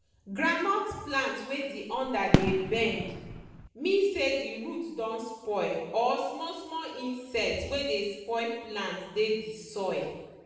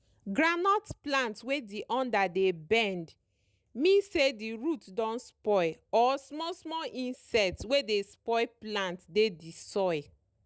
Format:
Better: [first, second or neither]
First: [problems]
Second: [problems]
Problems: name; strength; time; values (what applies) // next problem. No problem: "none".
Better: second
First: background sound (Fireworks); 1 dB above the speech // room echo; dies away in 0.9 s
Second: none